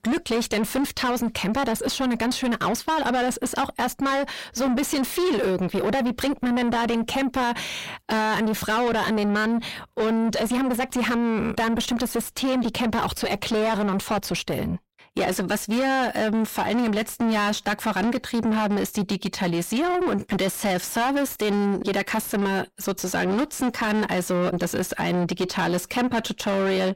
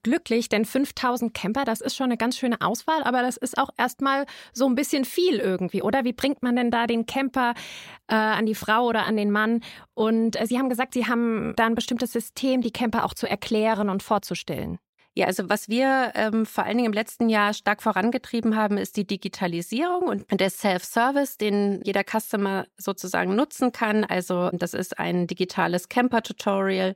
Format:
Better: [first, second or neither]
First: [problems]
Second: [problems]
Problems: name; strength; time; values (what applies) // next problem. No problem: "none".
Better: second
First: distortion; heavy; 6 dB below the speech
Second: none